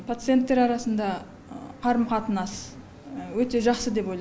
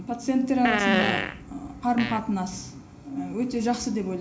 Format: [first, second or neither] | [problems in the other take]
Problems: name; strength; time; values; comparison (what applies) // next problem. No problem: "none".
first | background sound (Fart); 1 dB below the speech // room echo; dies away in 0.4 s